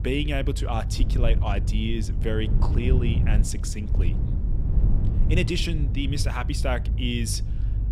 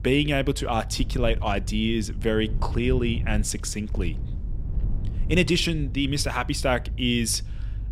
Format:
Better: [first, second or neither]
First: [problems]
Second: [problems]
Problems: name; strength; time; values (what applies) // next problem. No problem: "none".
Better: second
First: low rumble; loud; throughout; 9 dB below the speech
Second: low rumble; faint; throughout; 20 dB below the speech